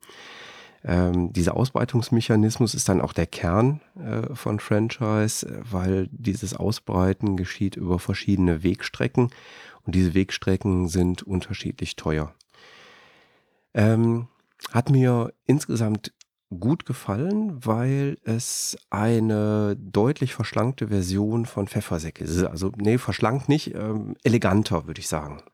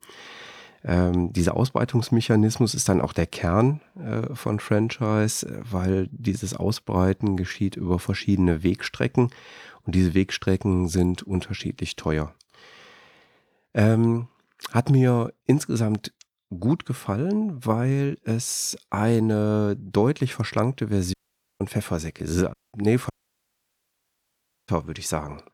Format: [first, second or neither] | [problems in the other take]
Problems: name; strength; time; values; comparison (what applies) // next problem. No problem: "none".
first | audio cutting out; at 21 s and at 23 s for 1.5 s